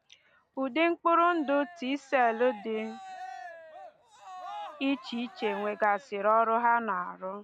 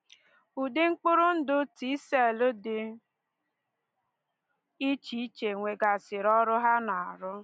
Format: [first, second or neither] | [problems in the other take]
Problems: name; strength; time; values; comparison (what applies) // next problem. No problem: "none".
second | background sound (Cheering); 16 dB below the speech